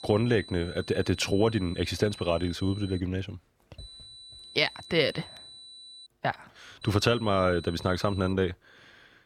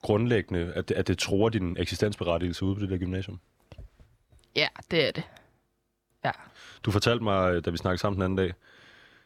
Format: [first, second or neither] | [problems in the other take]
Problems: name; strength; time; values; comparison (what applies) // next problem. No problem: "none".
second | high-pitched whine; noticeable; until 3 s, from 4 to 6 s and from 7 to 8.5 s; 4 kHz, 15 dB below the speech